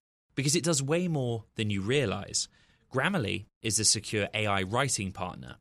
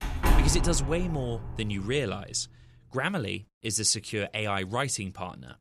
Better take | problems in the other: first | door banging; loud; until 1 s; peak 5 dB above the speech

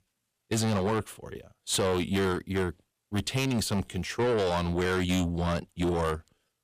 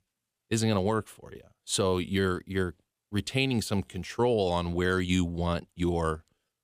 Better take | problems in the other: second | distortion; heavy; 7 dB below the speech

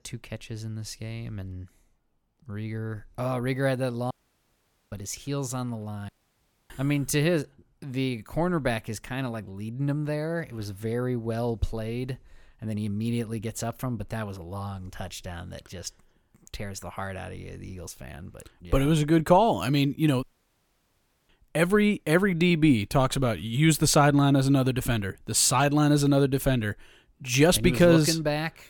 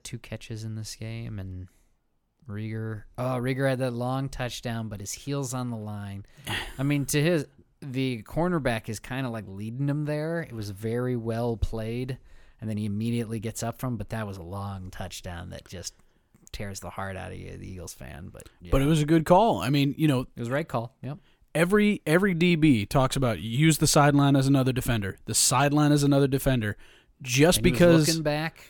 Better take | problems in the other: second | audio cutting out; at 4 s for 1 s, at 6 s for 0.5 s and at 20 s for 1 s

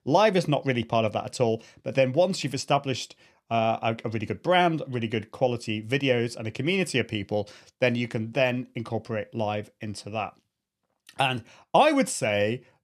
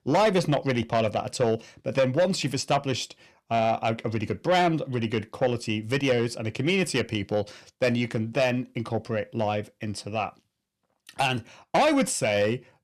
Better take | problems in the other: first | distortion; slight; 10 dB below the speech

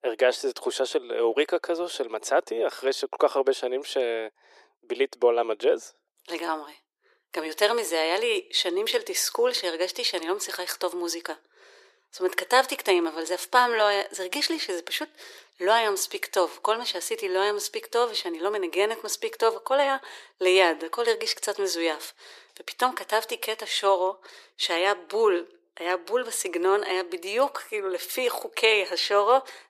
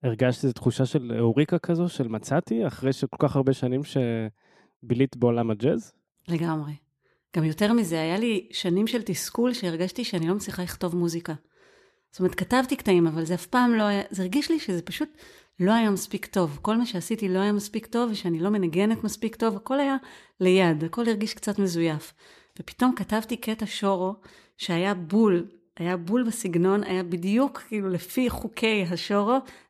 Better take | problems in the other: second | thin; very; fading below 400 Hz

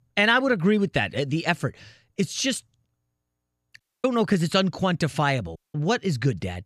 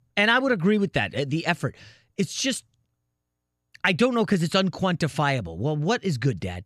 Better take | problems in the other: second | audio cutting out; at 4 s and at 5.5 s

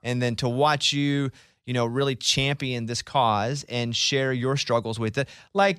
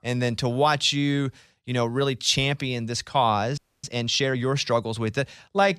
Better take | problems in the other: first | audio freezing; at 3.5 s

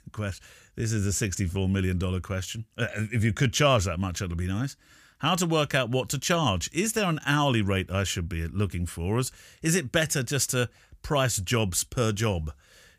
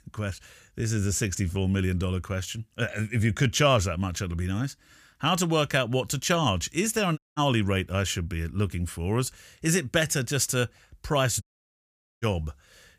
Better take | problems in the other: first | audio cutting out; at 7 s and at 11 s for 1 s

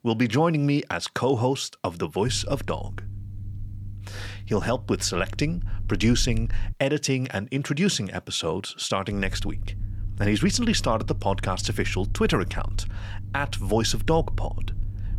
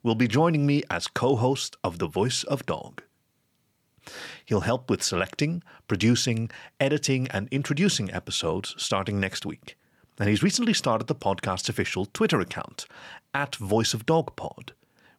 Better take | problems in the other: second | low rumble; faint; from 2.5 to 6.5 s and from 9 s on; 25 dB below the speech

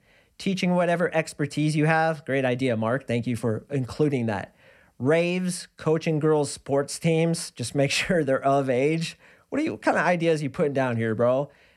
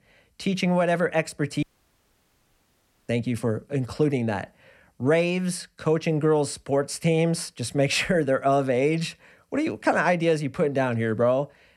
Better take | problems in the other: first | audio cutting out; at 1.5 s for 1.5 s

